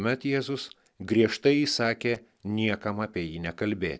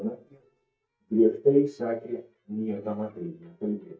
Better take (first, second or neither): first